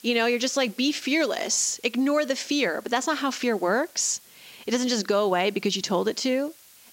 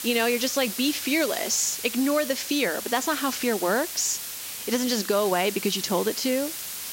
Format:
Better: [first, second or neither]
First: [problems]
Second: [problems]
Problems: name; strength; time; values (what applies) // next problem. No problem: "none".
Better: first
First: hiss; faint; throughout; 25 dB below the speech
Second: hiss; loud; throughout; 7 dB below the speech